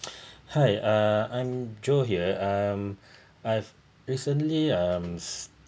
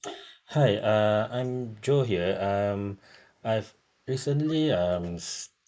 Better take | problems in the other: first | noise reduction (neural mask model Resemble Enhance denoiser)

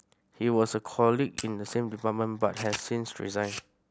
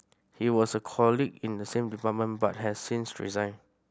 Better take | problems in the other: second | background sound (Camera); 15 dB below the speech

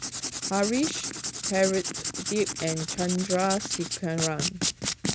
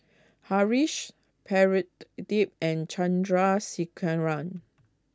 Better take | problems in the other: second | background sound (Writing); 3 dB below the speech

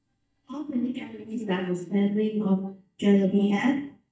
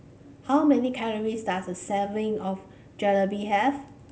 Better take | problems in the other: second | noise reduction (neural mask model DeepFilterNet 3)

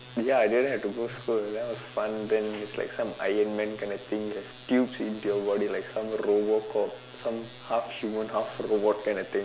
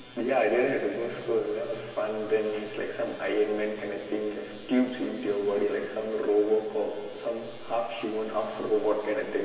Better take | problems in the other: first | room echo; dies away in 2.6 s

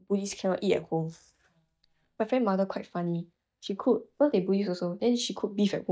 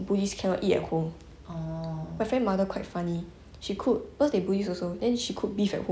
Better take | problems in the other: second | noise reduction (neural mask model DeepFilterNet 3)

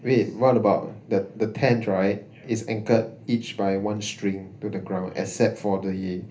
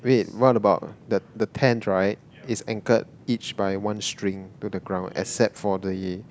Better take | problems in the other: second | room echo; dies away in 0.3 s

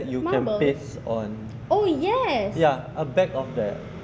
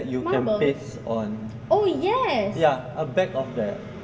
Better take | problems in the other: first | room echo; dies away in 1.5 s

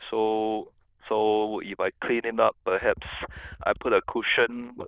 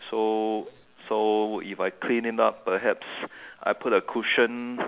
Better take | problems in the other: second | noise reduction (neural diffusion model UNIVERSE++)

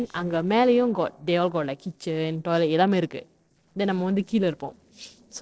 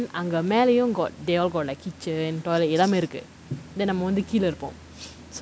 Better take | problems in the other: second | noise reduction (neural separator model SepFormer DNS4)

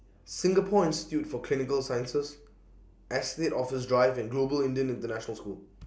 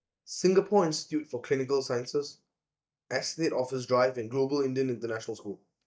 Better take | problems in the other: first | noise reduction (neural mask model DeepFilterNet 3)

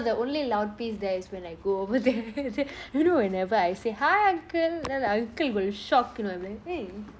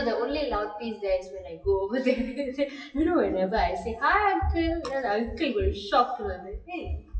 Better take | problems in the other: first | noise reduction (classical method WPE with log-MMSE)

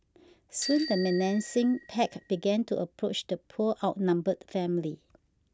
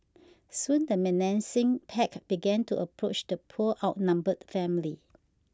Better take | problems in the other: second | background sound (Bicycle bell); 14 dB below the speech

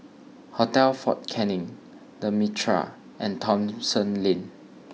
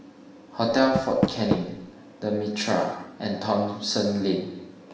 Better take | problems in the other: first | background sound (Door); 7 dB below the speech // room echo; dies away in 0.9 s

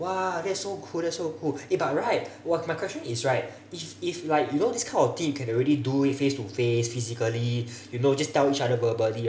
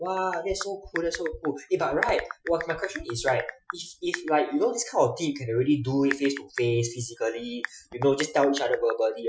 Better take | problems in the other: first | noise reduction (classical method Wiener filter)

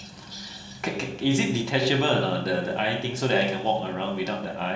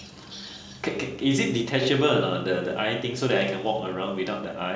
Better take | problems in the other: second | room echo; dies away in 0.3 s

